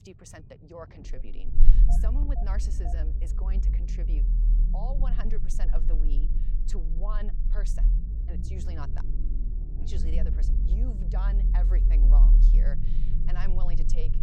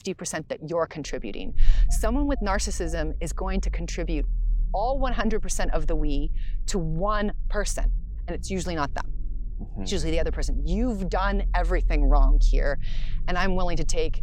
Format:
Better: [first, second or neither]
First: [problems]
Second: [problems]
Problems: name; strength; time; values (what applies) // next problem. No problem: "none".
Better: second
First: low rumble; loud; throughout; 3 dB below the speech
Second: low rumble; faint; throughout; 25 dB below the speech